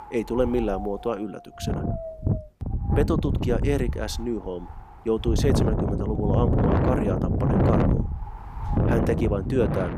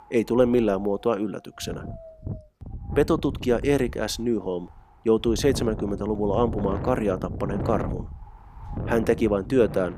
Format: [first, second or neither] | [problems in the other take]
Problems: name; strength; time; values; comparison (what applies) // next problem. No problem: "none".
second | wind noise on the microphone; heavy; 2 dB below the speech; occasional gusts in the second